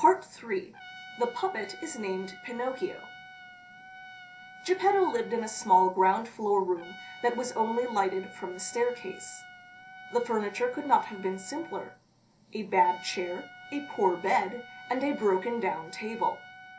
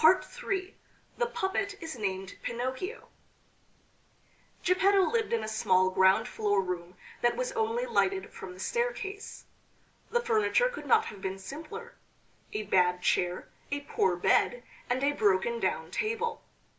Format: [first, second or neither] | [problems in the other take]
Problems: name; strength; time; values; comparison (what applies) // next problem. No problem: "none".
second | background sound (Trumpet); 18 dB below the speech // room echo; dies away in 0.3 s